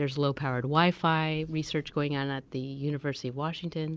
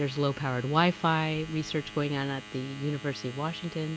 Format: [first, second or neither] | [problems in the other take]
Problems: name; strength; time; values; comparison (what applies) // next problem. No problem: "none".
first | background sound (Domestic sounds, home sounds); 16 dB below the speech